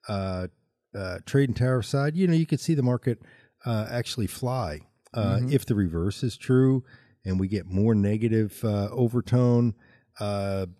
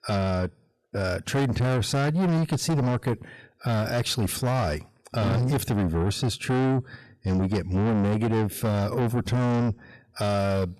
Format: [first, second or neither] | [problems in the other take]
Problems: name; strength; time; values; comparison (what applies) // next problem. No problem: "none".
first | distortion; heavy; 5 dB below the speech